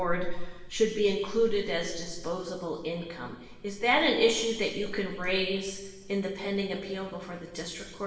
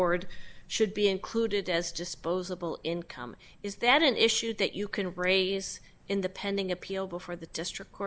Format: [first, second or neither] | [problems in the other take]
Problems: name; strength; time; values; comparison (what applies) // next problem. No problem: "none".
second | room echo; dies away in 1.2 s